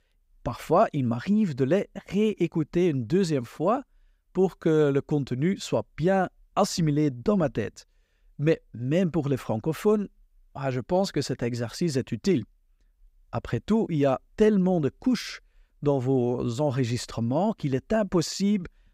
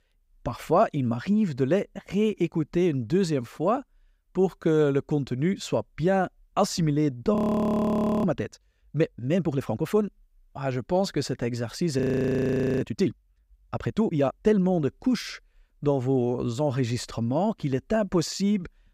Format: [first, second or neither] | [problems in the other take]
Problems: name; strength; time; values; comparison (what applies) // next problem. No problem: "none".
first | audio freezing; at 7.5 s for 1 s and at 12 s for 1 s